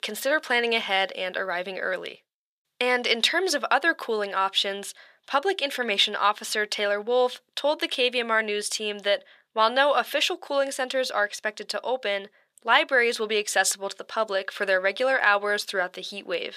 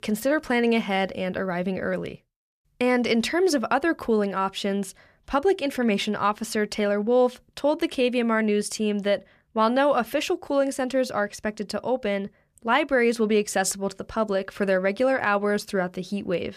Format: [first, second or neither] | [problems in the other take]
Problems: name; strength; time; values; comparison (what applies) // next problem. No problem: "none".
second | thin; somewhat; fading below 550 Hz